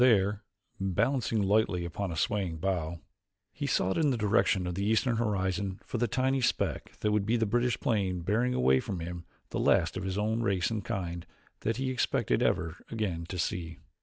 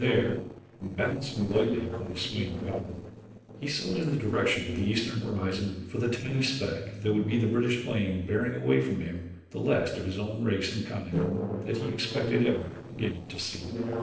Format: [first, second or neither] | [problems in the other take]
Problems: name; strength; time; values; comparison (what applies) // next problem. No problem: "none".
first | noise reduction (neural separator model SepFormer DNS4)